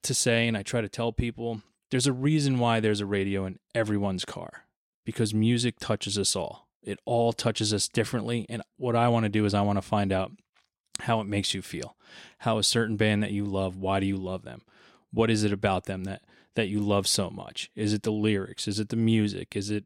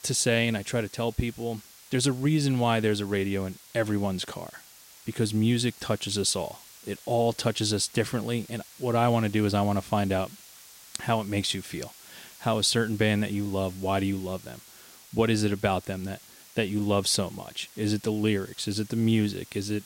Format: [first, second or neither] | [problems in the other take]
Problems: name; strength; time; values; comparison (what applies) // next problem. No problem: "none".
first | hiss; faint; throughout; 20 dB below the speech